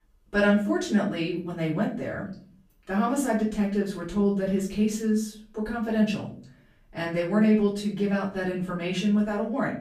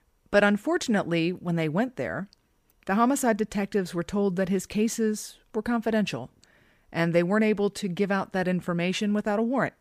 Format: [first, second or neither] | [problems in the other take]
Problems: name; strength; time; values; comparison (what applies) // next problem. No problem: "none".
second | off-mic speech; far // room echo; slight; dies away in 0.4 s